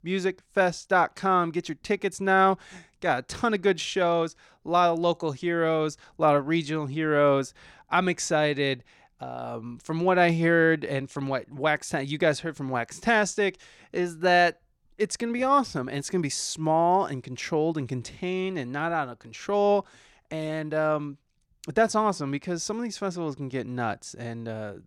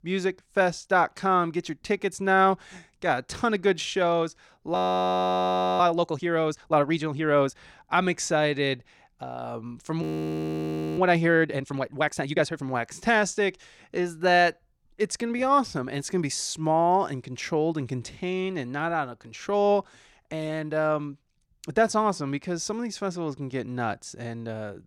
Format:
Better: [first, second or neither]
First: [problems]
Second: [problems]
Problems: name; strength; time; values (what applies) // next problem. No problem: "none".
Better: first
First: none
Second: audio freezing; at 5 s for 1 s and at 10 s for 1 s